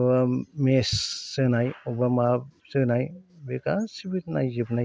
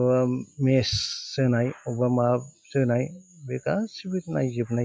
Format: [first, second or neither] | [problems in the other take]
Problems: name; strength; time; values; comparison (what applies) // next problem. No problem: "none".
first | noise reduction (classical method log-MMSE)